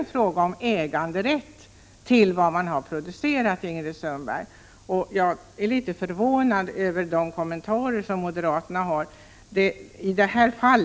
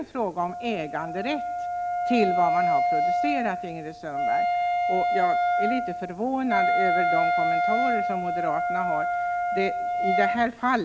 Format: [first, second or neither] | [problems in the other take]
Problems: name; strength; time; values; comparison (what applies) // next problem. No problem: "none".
first | background sound (Wind instrument, woodwind instrument); 4 dB above the speech